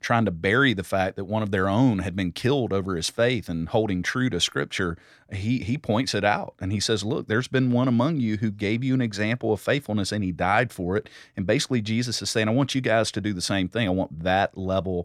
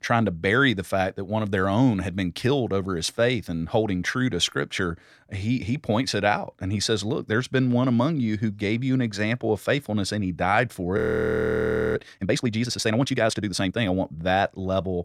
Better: first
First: none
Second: audio freezing; at 11 s for 1 s

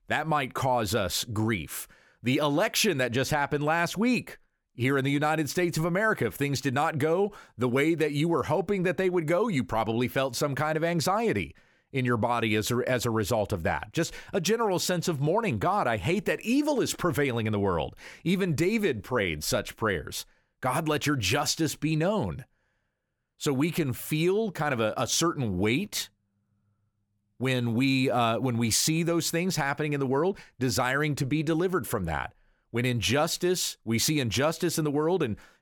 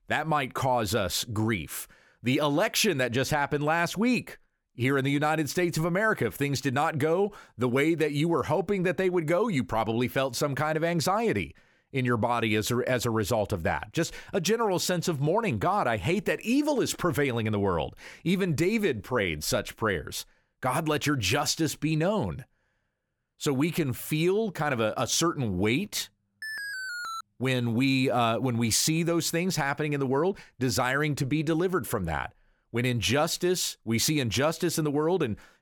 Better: first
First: none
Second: alarm; noticeable; at 26 s; peak 6 dB below the speech

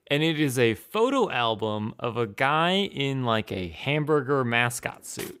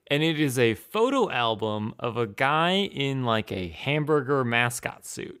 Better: second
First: clattering dishes; very faint; at 5 s; peak 15 dB below the speech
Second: none

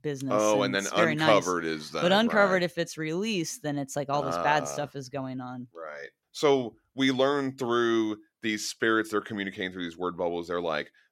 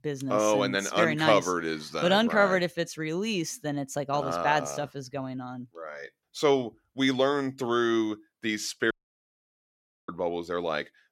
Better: first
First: none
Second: audio cutting out; at 9 s for 1 s

